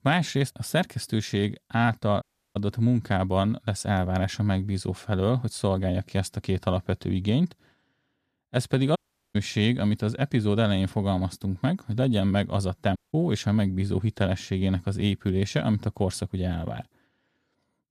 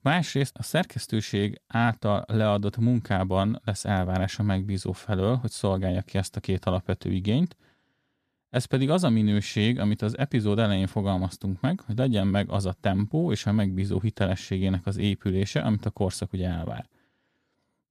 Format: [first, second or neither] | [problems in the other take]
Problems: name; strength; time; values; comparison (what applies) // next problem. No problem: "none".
second | audio cutting out; at 2 s, at 9 s and at 13 s